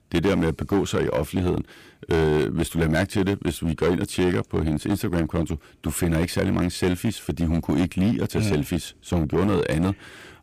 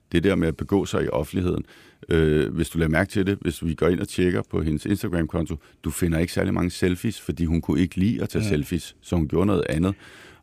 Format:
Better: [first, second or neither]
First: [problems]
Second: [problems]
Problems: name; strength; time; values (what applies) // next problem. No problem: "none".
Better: second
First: distortion; slight; 9% of the sound clipped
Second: none